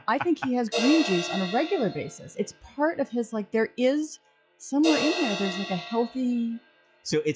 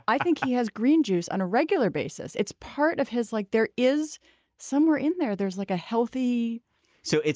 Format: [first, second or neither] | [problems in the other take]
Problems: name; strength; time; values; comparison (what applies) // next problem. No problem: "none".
second | noise reduction (classical method log-MMSE)